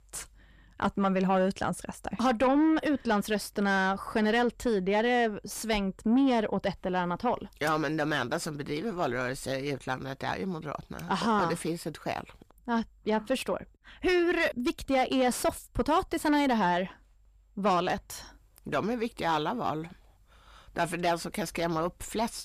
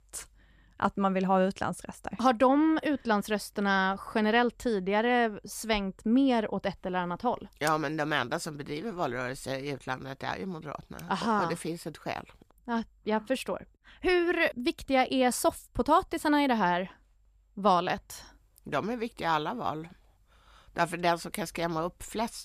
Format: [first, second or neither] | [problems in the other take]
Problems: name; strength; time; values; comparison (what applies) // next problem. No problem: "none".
second | distortion; slight; 10 dB below the speech